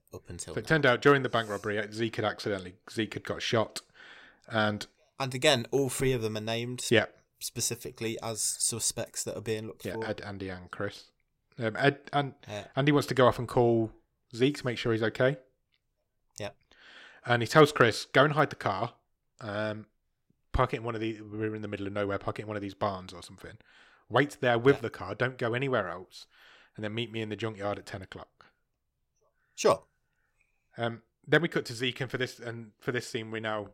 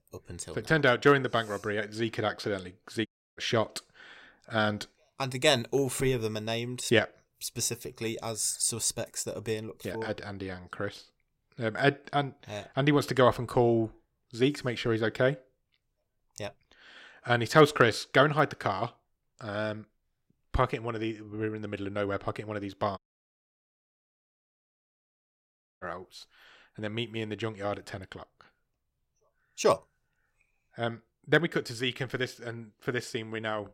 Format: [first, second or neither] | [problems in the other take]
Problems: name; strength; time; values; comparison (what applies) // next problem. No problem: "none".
first | audio cutting out; at 3 s and at 23 s for 3 s